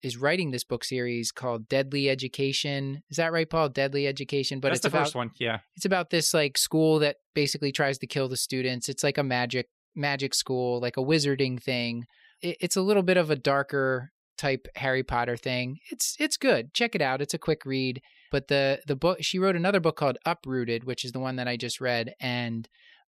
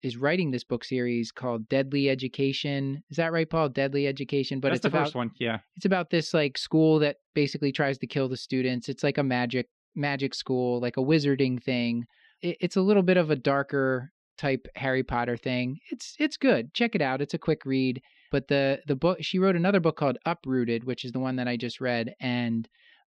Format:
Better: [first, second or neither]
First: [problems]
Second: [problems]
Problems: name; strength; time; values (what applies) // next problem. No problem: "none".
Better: first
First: none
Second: muffled; very slightly; fading above 4 kHz